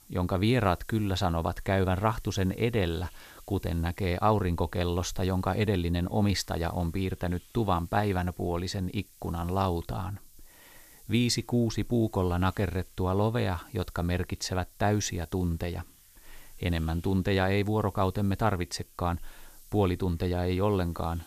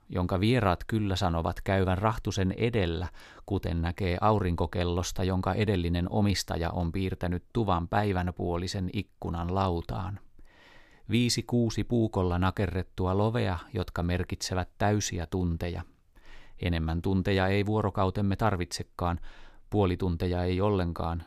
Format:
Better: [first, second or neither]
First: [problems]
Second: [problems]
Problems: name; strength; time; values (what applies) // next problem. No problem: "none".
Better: second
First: hiss; faint; throughout; 25 dB below the speech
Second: none